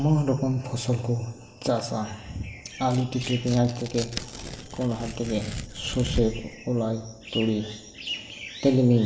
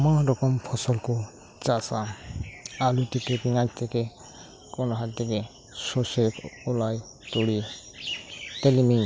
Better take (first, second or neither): second